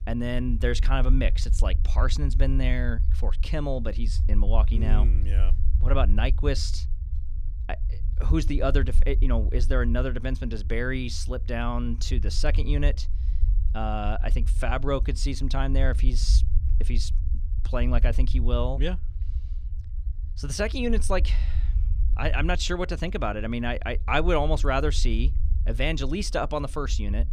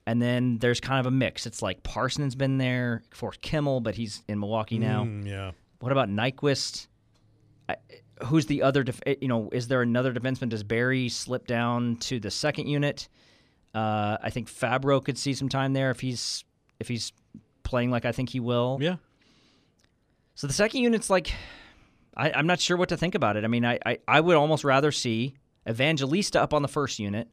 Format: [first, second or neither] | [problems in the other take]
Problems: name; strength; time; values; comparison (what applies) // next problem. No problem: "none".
second | low rumble; noticeable; throughout; 20 dB below the speech